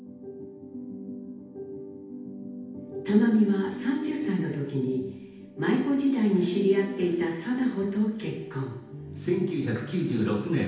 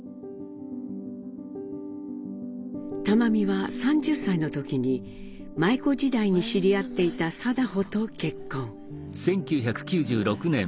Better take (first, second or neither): second